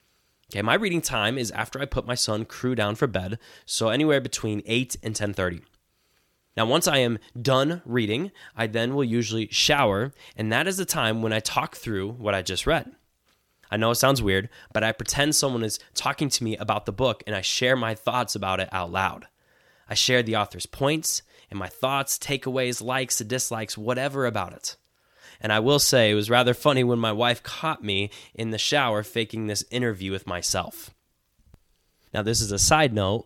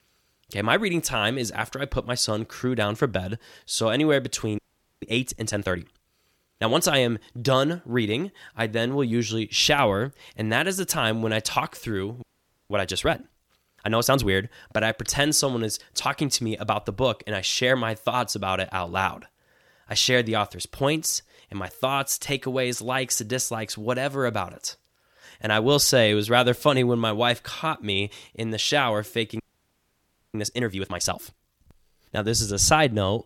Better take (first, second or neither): first